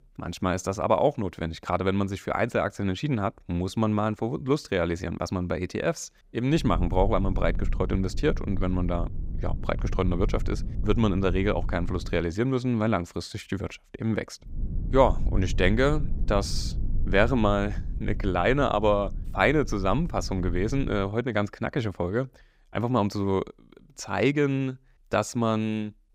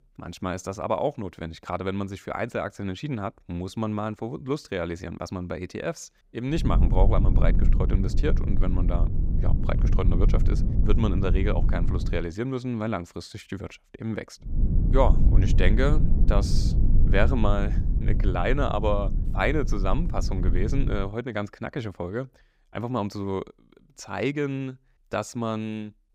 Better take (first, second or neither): first